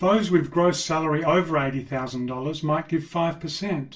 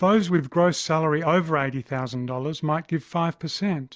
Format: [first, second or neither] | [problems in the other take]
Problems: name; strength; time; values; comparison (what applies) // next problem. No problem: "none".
second | room echo; dies away in 0.2 s